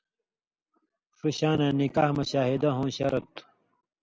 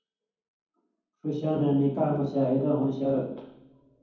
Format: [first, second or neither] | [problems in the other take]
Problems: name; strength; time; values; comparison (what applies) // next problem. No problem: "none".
first | room echo; dies away in 1.2 s